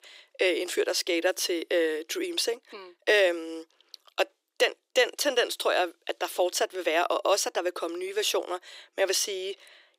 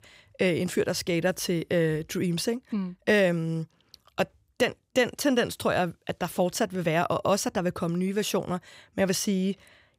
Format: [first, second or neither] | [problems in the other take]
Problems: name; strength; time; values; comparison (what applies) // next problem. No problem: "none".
second | thin; very; fading below 350 Hz